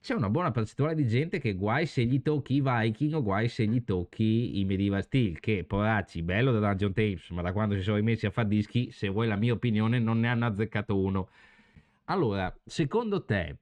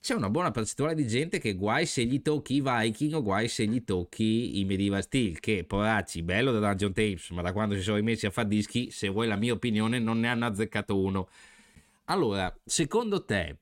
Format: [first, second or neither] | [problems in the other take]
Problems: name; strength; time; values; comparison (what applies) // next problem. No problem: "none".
second | muffled; slightly; fading above 3 kHz